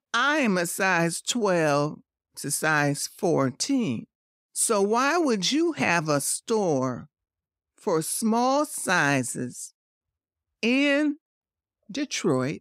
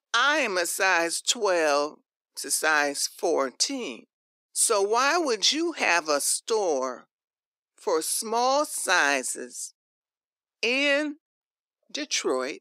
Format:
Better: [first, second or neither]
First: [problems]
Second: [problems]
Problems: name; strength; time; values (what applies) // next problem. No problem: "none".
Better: first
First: none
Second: thin; somewhat; fading below 350 Hz